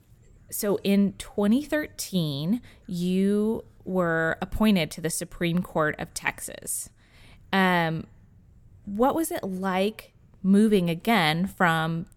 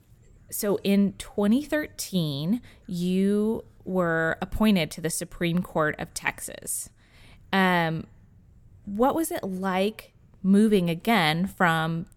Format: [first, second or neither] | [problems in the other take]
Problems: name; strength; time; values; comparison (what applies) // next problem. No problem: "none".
neither | none